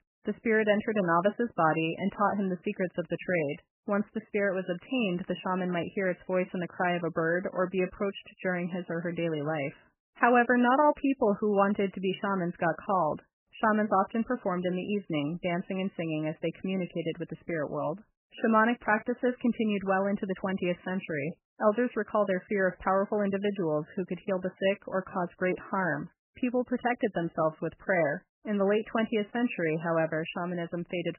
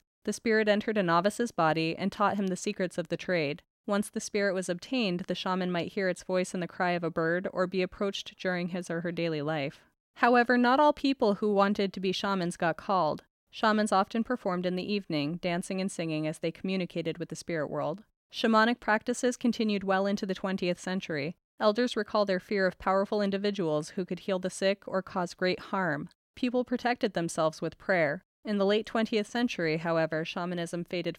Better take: second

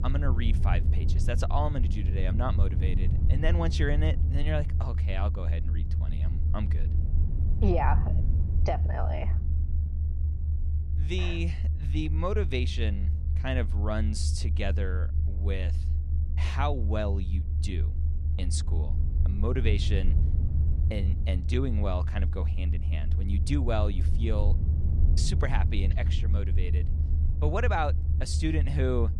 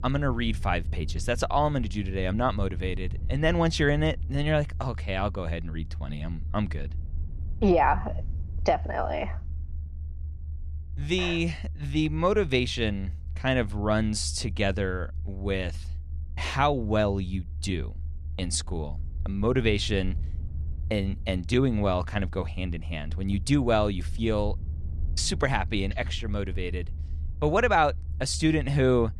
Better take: second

